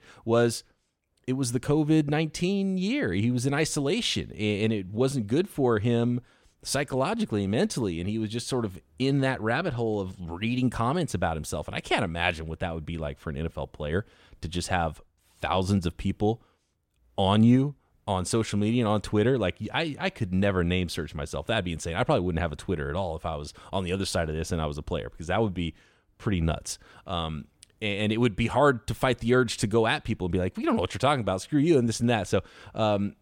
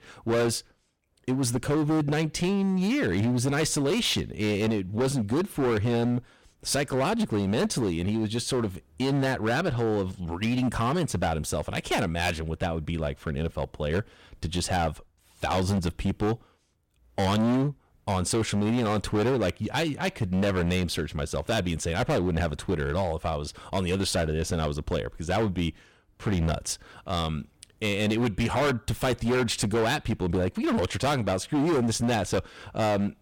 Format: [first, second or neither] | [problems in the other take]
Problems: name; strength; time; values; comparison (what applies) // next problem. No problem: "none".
first | distortion; heavy; 15% of the sound clipped